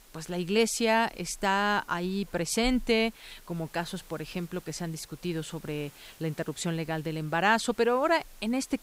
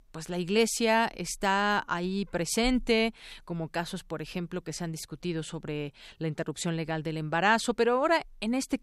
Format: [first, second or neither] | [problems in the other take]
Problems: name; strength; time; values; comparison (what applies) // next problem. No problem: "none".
second | hiss; faint; throughout; 25 dB below the speech